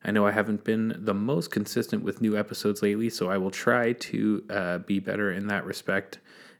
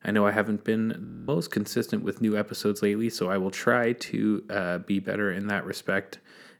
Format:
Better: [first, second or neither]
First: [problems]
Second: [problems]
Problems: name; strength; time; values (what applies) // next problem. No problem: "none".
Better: first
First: none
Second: audio freezing; at 1 s